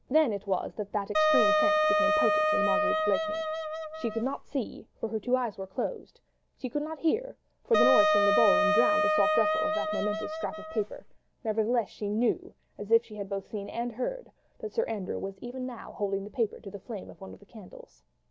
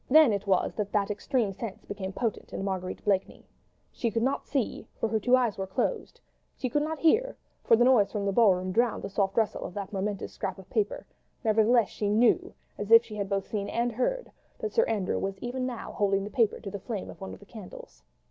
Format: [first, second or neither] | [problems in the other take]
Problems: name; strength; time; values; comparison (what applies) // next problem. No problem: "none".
second | background sound (Wind instrument, woodwind instrument); 4 dB above the speech